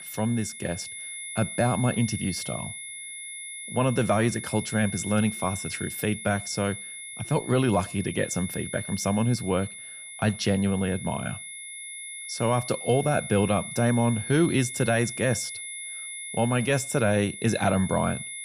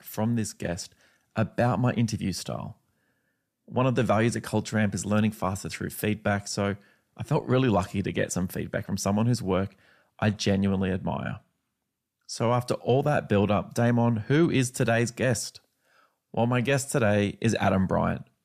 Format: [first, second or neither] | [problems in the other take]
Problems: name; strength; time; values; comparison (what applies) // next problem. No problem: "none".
second | high-pitched whine; loud; throughout; 2 kHz, 9 dB below the speech